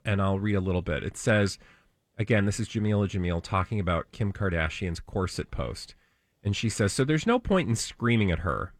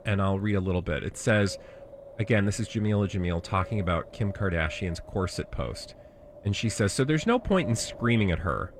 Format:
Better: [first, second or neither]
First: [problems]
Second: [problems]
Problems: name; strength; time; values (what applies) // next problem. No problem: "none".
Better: first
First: none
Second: wind noise on the microphone; occasional gusts; 15 dB below the speech